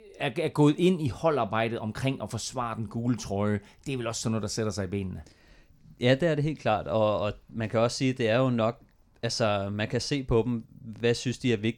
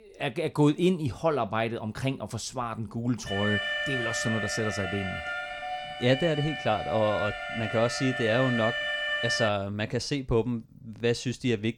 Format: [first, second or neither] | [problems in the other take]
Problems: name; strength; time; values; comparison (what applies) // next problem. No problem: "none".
first | alarm; loud; from 3.5 to 9.5 s; peak 1 dB above the speech